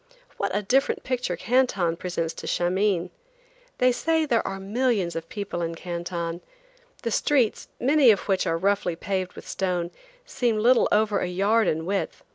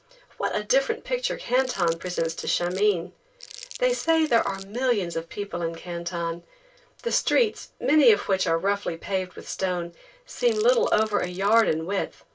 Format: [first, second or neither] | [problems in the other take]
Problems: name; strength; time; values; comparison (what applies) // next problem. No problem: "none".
first | background sound (Crumpling, crinkling); 19 dB below the speech // room echo; dies away in 0.2 s